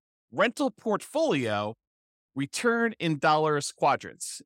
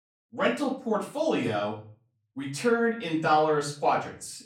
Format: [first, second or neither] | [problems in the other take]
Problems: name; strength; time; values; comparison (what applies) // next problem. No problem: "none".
first | off-mic speech; far // room echo; slight; dies away in 0.4 s